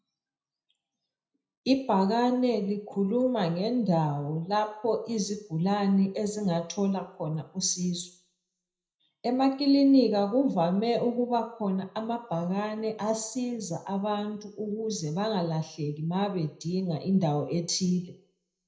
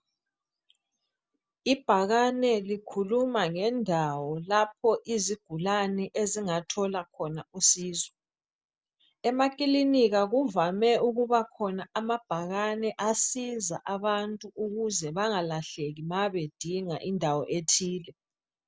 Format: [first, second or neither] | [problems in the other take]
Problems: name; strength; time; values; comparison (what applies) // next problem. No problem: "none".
second | room echo; dies away in 0.5 s